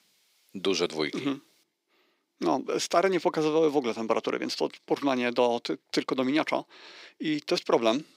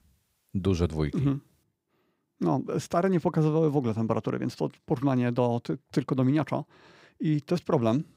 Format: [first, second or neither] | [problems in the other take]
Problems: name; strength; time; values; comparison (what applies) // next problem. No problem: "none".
second | thin; somewhat; fading below 300 Hz